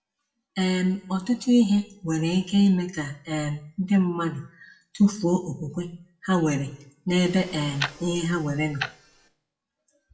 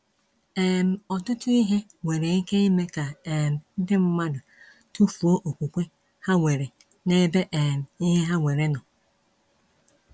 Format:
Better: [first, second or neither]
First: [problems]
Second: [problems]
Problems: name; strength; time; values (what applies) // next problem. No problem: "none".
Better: second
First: noise reduction (classical method WPE with log-MMSE)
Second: none